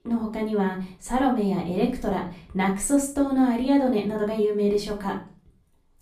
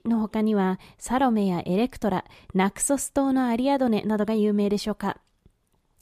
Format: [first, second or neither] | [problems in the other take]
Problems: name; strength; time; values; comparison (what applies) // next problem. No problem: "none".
second | room echo; slight; dies away in 0.4 s // off-mic speech; far